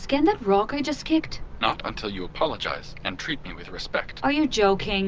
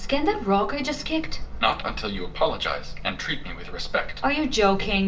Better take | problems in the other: first | room echo; dies away in 0.5 s

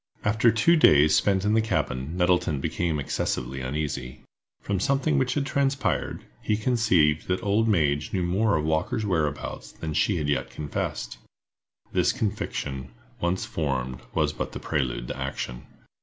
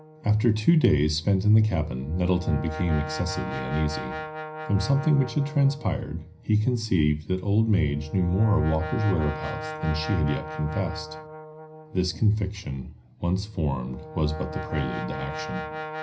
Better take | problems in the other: first | background sound (Brass instrument); 12 dB below the speech // room echo; dies away in 0.4 s

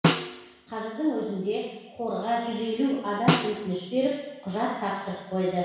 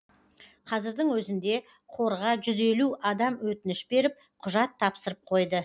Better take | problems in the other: second | background sound (Snare drum); 2 dB below the speech // room echo; dies away in 1.1 s

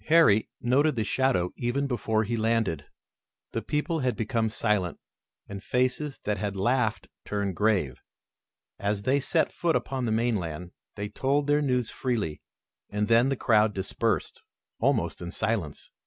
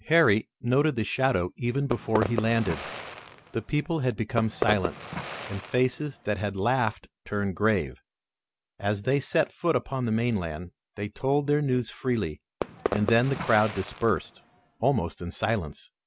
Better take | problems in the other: first | background sound (Fireworks); 8 dB below the speech

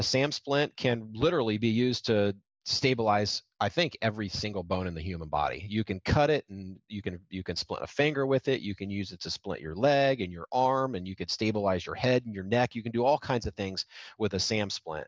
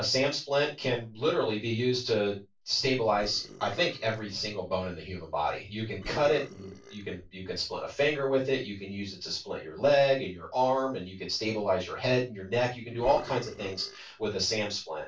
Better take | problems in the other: first | noise reduction (neural separator model SepFormer DNS4)

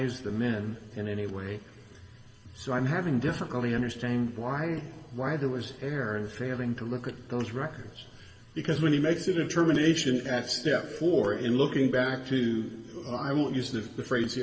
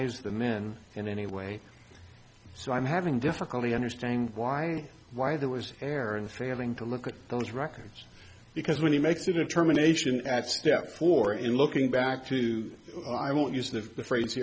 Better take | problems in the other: second | room echo; dies away in 1.4 s

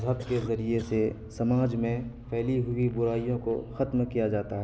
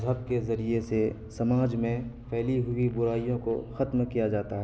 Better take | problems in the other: second | background sound (Cough); 18 dB below the speech

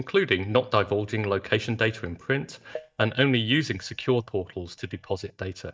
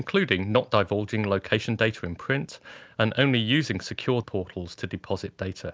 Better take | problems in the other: second | noise reduction (neural mask model DeepFilterNet 3)

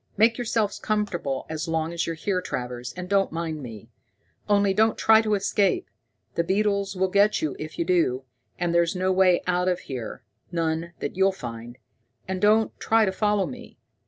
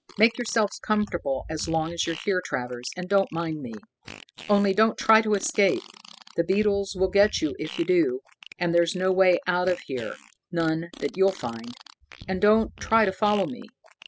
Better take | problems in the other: first | noise reduction (classical method spectral subtraction)

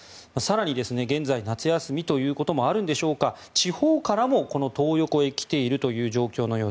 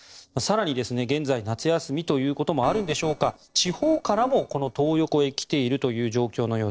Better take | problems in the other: first | noise reduction (neural separator model SepFormer DNS4)

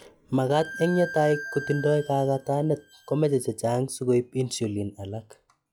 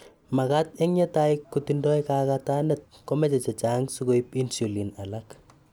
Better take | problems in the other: second | noise reduction (classical method log-MMSE)

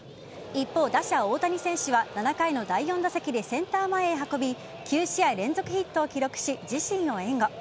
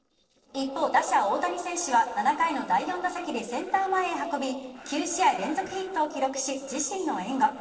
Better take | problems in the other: first | noise reduction (neural separator model SepFormer DNS4)

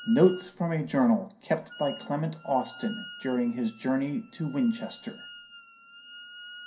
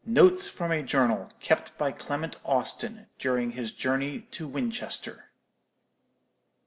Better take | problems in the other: second | background sound (Wind instrument, woodwind instrument); 19 dB below the speech // room echo; dies away in 0.3 s

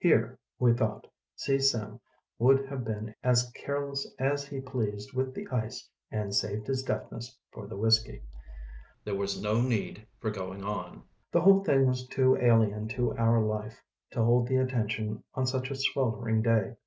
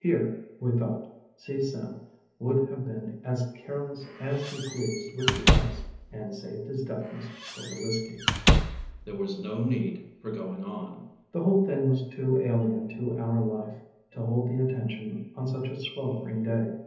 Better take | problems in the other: first | background sound (Squeak / Slam); 2 dB above the speech // room echo; dies away in 0.9 s

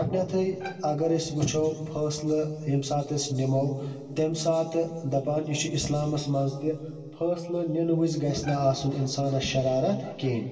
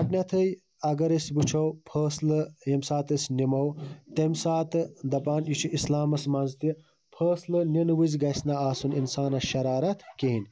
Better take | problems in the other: second | background sound (Bowed string instrument); 18 dB below the speech // room echo; dies away in 2.3 s

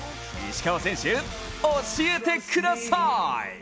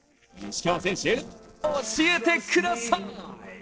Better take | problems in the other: first | noise reduction (neural separator model SepFormer DNS4)

